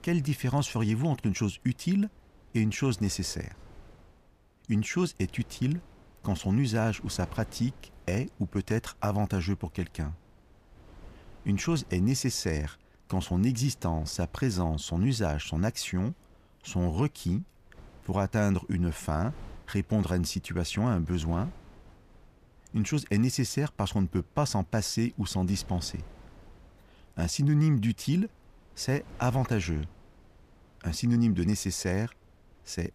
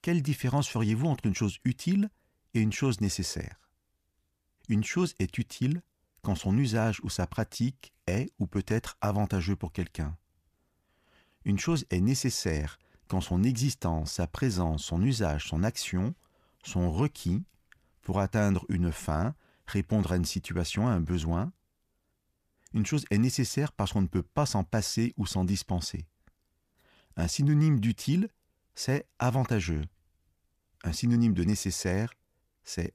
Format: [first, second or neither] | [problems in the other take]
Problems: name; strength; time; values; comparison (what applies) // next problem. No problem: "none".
second | wind noise on the microphone; occasional gusts; 25 dB below the speech